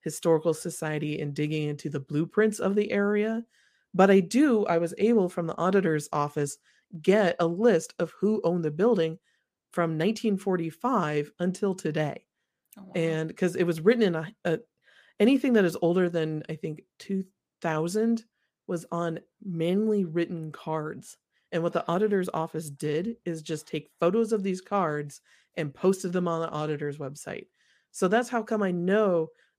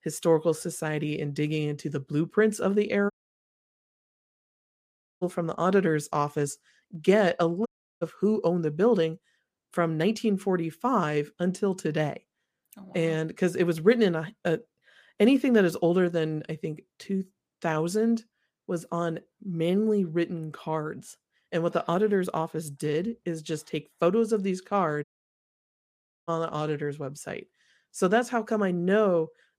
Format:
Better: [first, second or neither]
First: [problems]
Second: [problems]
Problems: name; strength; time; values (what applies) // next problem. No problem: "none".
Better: first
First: none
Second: audio cutting out; at 3 s for 2 s, at 7.5 s and at 25 s for 1 s